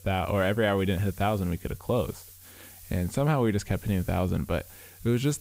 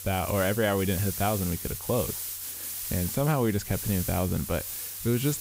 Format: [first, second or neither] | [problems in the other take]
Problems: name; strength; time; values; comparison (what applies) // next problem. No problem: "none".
first | hiss; loud; throughout; 5 dB below the speech; faint in the first